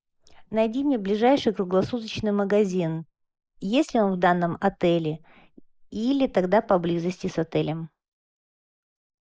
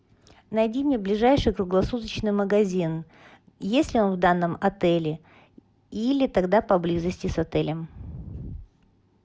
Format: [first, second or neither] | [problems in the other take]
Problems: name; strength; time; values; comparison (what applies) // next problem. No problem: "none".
second | noise reduction (neural mask model Resemble Enhance denoiser)